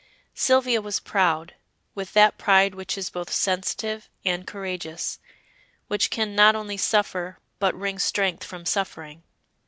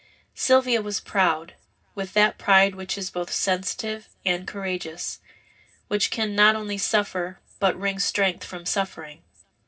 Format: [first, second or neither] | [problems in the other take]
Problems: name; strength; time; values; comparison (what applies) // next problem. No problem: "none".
first | room echo; dies away in 0.4 s